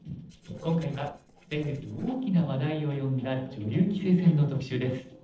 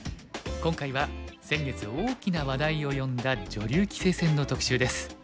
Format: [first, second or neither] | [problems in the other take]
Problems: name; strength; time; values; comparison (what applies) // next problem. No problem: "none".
second | noise reduction (neural separator model SepFormer DNS4)